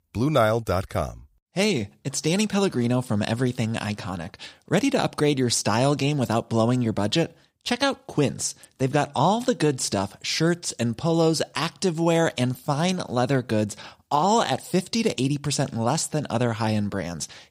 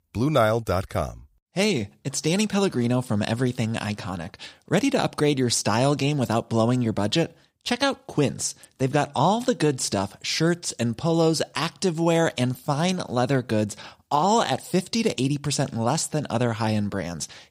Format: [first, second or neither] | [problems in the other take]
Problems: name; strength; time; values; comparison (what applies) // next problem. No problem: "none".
neither | none